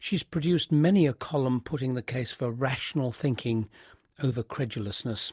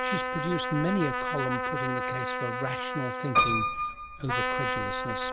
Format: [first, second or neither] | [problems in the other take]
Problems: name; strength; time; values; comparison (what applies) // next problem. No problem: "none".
first | background sound (Trumpet + Piano); 3 dB above the speech